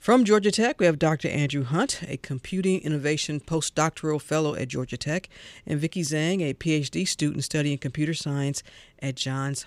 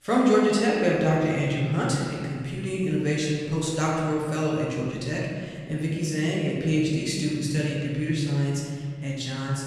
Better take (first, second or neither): first